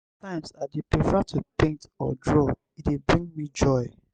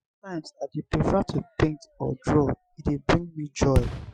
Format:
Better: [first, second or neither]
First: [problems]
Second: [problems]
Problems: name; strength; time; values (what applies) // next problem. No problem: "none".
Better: first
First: none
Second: noise reduction (classical method Wiener filter)